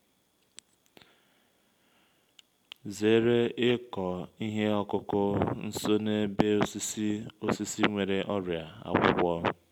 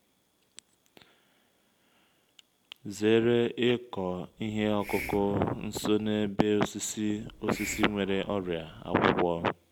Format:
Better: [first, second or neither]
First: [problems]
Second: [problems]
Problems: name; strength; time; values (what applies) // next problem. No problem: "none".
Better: first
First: none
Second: background sound (Hiss); 14 dB below the speech